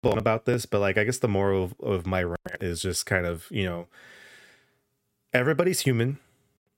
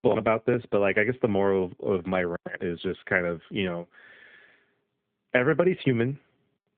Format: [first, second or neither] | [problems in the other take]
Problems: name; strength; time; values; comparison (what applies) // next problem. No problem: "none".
first | phone-call audio